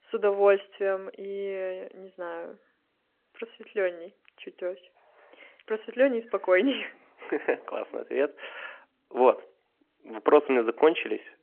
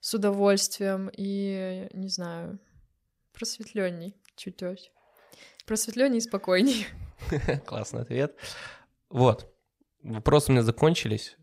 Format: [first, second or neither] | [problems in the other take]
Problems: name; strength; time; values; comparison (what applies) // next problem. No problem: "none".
second | phone-call audio